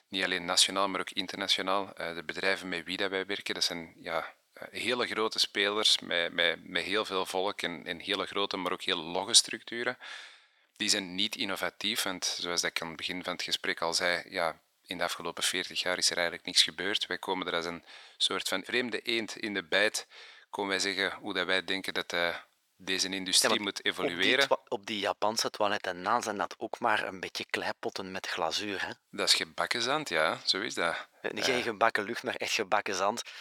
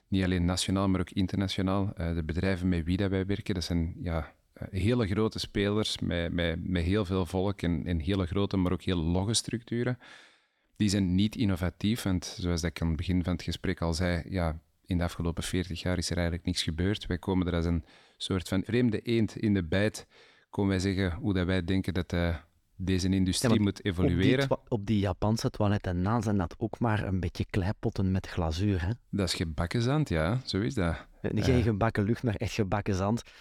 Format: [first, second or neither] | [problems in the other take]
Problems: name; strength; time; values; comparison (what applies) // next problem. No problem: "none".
second | thin; very; fading below 650 Hz